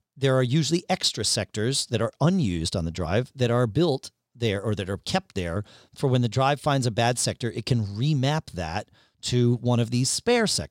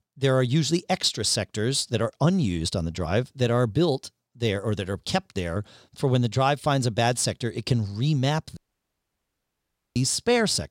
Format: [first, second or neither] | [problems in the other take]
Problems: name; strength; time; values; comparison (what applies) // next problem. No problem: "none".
first | audio cutting out; at 8.5 s for 1.5 s